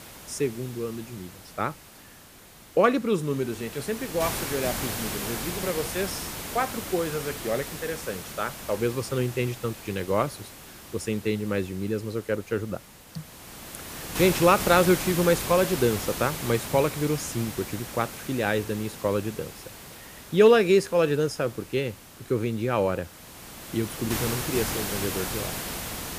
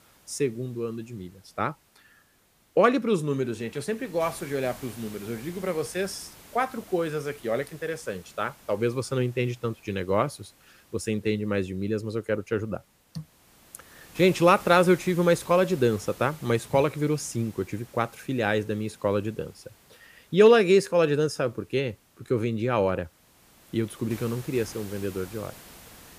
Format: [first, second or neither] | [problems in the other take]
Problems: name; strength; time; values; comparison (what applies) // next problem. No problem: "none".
second | hiss; loud; throughout; 7 dB below the speech; faint in the second